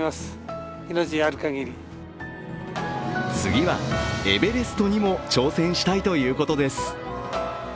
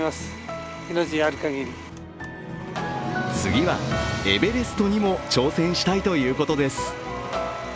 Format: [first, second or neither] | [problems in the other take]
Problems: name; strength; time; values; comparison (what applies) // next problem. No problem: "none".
first | background sound (Domestic sounds, home sounds); 19 dB below the speech